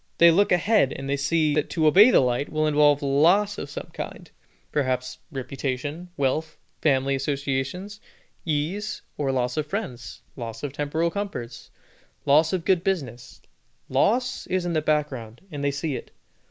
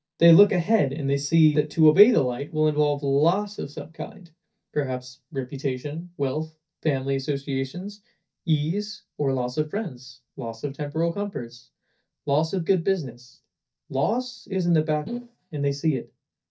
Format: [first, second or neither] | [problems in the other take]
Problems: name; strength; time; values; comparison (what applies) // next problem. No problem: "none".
first | noise reduction (neural mask model DeepFilterNet 3)